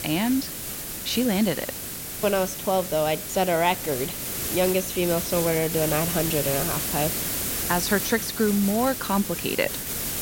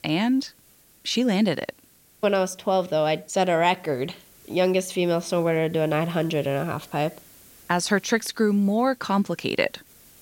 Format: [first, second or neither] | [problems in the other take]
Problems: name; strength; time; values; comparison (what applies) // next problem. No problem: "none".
second | hiss; loud; throughout; 3 dB below the speech; faint in the second